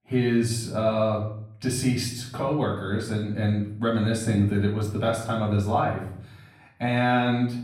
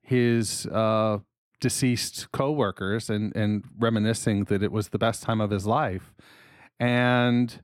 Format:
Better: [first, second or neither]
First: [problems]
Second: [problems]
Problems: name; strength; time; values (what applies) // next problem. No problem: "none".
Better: second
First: off-mic speech; far // room echo; slight; dies away in 0.6 s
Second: none